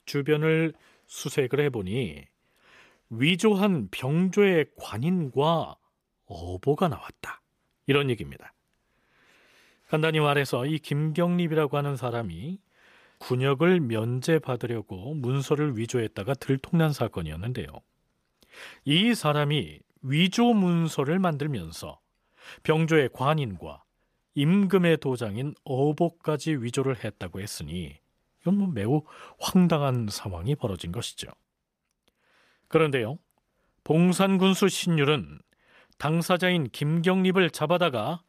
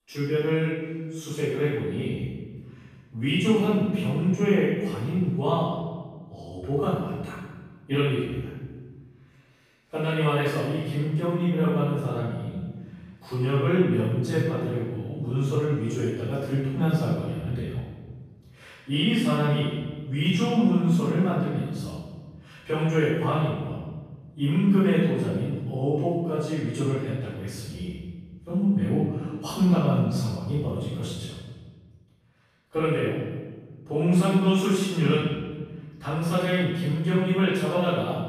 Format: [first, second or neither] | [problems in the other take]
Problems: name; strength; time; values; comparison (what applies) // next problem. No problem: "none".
first | off-mic speech; far // room echo; strong; dies away in 1.4 s